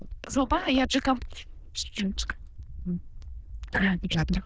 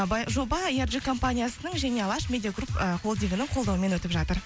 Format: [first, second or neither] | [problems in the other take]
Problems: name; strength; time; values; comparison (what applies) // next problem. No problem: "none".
second | noise reduction (neural diffusion model UNIVERSE++)